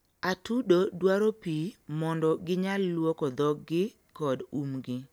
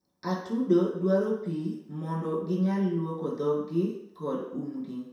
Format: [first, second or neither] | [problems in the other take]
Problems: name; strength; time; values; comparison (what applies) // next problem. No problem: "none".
first | room echo; dies away in 0.7 s